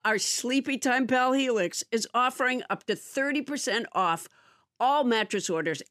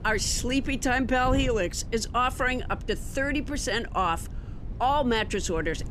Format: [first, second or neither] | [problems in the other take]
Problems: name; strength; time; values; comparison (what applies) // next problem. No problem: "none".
first | wind noise on the microphone; occasional gusts; 20 dB below the speech